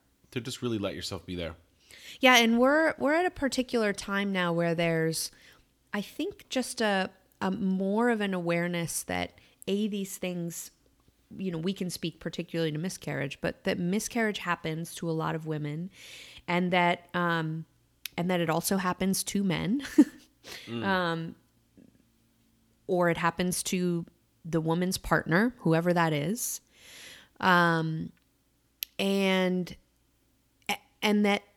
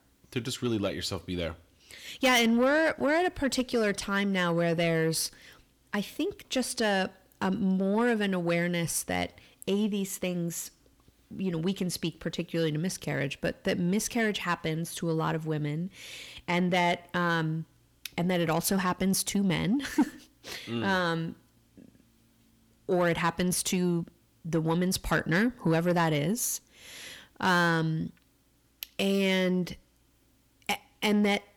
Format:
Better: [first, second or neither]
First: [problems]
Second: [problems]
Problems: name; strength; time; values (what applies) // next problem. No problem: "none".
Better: first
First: none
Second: distortion; slight; 10 dB below the speech